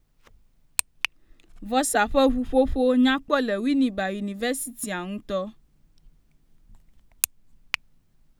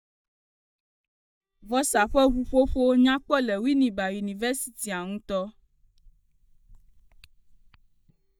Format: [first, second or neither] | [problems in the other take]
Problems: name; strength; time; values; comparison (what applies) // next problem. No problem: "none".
first | noise reduction (neural mask model DeepFilterNet 3)